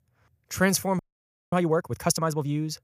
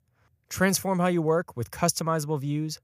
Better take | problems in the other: second | audio freezing; at 1 s for 0.5 s

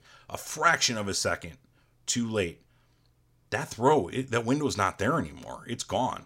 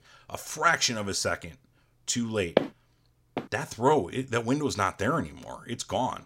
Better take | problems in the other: first | footsteps; noticeable; at 2.5 s; peak level with the speech

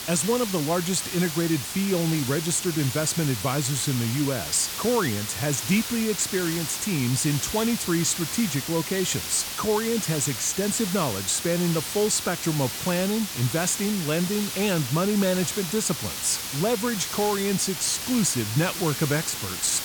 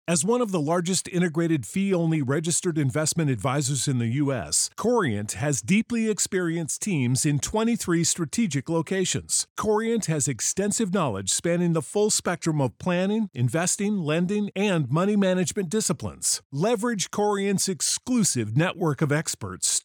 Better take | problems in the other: second | hiss; loud; throughout; 5 dB below the speech

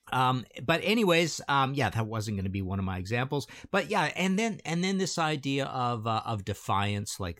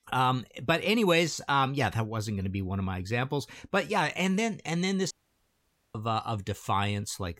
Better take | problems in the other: first | audio cutting out; at 5 s for 1 s

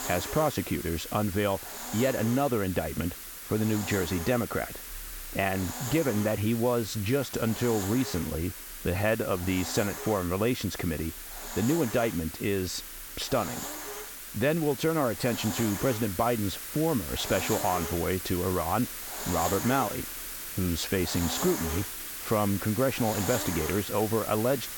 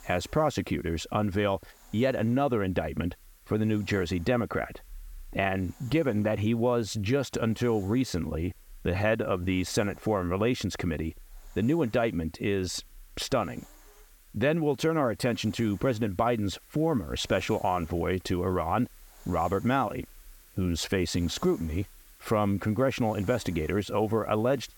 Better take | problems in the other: second | hiss; loud; throughout; 7 dB below the speech; faint in the second

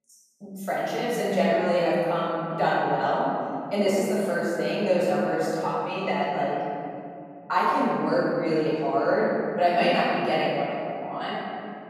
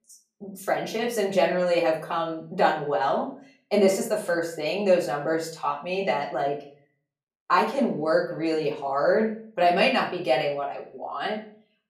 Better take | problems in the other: second | room echo; strong; dies away in 3 s; slight in the second // off-mic speech; far; far in the second

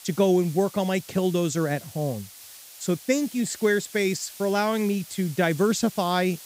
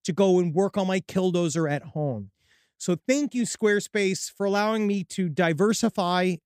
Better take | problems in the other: second | hiss; noticeable; throughout; 15 dB below the speech

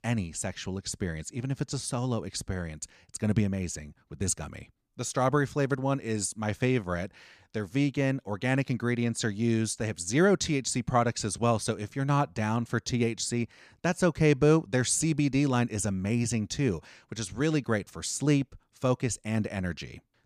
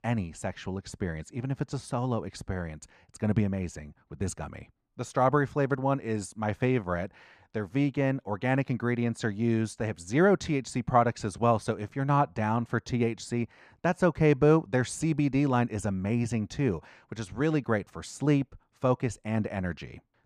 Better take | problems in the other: first | muffled; slightly; fading above 3 kHz

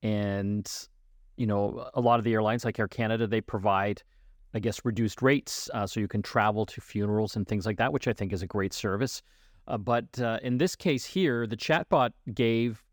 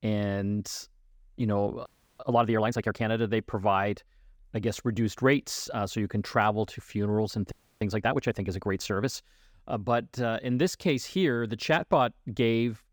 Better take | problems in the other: first | audio freezing; at 2 s and at 7.5 s

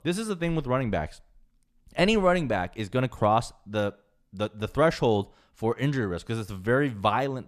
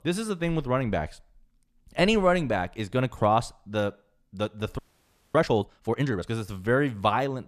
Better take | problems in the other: first | audio freezing; at 5 s for 0.5 s

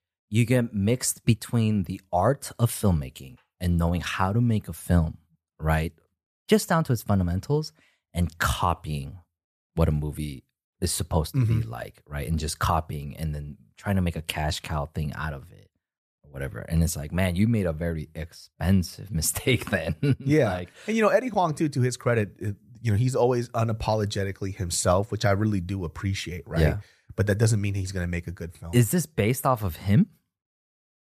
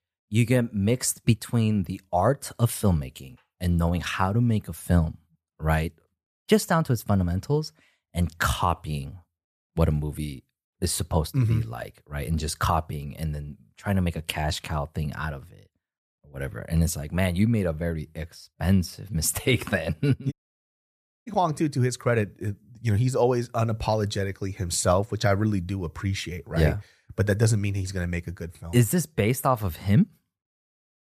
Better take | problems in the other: first | audio cutting out; at 20 s for 1 s

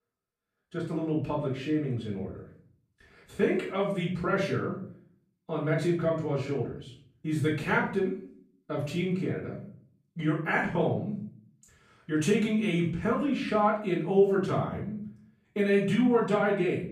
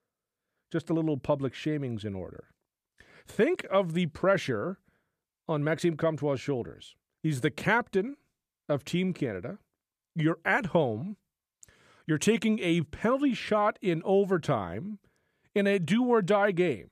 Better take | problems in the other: second | off-mic speech; far // room echo; slight; dies away in 0.5 s

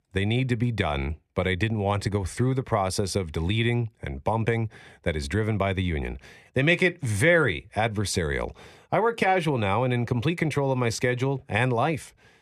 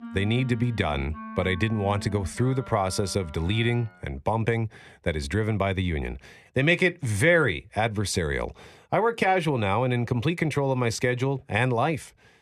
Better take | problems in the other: first | background music; noticeable; until 3.5 s; 15 dB below the speech

